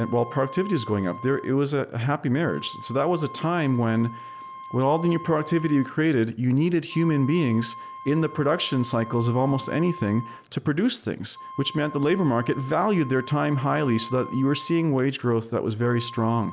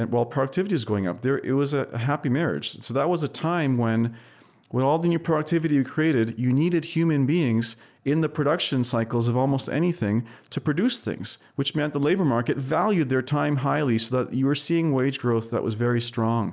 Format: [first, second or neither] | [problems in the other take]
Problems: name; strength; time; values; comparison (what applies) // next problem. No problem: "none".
second | background sound (Wind instrument, woodwind instrument); 16 dB below the speech